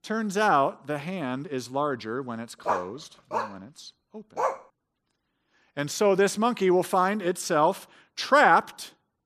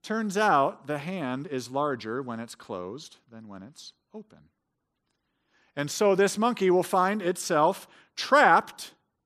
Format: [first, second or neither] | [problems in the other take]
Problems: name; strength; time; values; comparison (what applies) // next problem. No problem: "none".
second | dog barking; noticeable; from 2.5 to 4.5 s; peak 5 dB below the speech